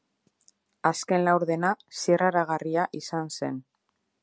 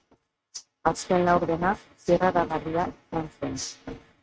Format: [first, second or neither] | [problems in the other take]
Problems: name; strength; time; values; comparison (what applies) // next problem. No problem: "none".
first | noise reduction (neural mask model RNNoise)